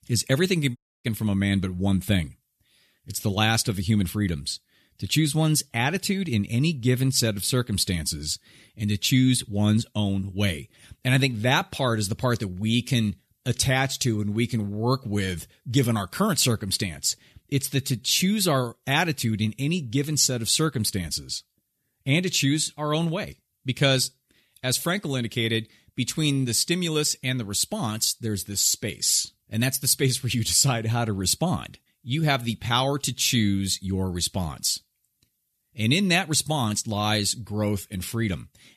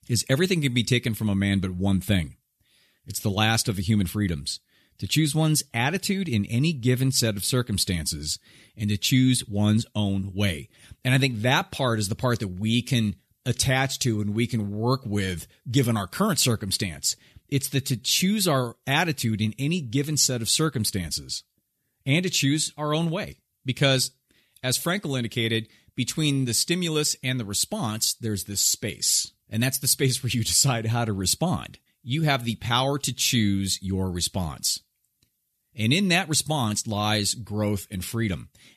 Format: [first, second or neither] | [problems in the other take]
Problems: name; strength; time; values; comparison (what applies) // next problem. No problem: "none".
second | audio cutting out; at 1 s